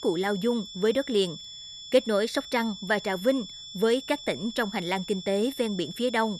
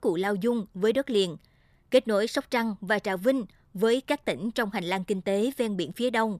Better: second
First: high-pitched whine; noticeable; throughout; 3.5 kHz, 10 dB below the speech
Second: none

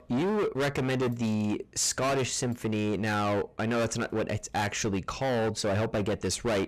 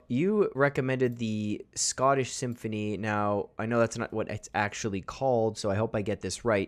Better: second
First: distortion; heavy; 26% of the sound clipped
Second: none

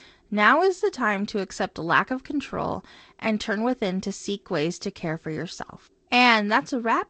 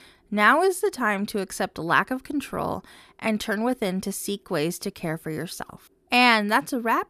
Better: second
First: garbled, watery; slightly; nothing above 8 kHz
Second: none

